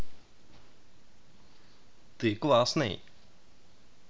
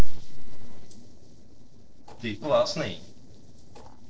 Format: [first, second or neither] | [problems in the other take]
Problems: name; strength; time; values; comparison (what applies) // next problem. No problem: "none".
first | noise reduction (neural separator model SepFormer DNS4)